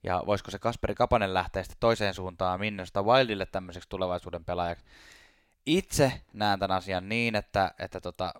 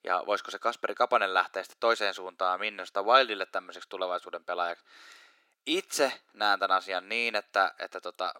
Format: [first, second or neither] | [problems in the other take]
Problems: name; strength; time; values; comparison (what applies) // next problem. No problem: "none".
first | thin; very; fading below 300 Hz